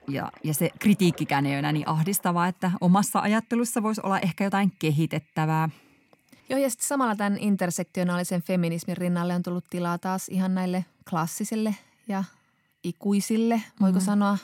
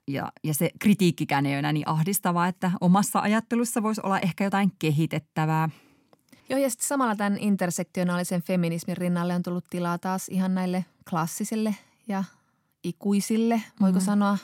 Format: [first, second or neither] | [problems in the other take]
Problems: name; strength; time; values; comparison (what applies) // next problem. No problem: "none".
second | household noises; faint; throughout; 25 dB below the speech